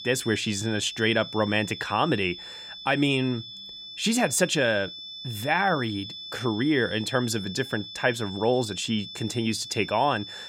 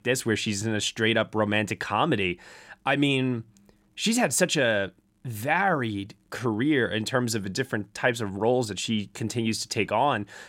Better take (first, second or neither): second